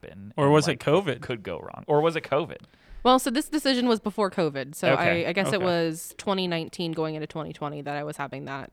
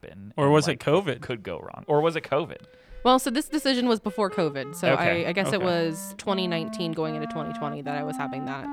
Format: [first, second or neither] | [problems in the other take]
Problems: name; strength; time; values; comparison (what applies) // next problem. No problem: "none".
first | background music; noticeable; throughout; 10 dB below the speech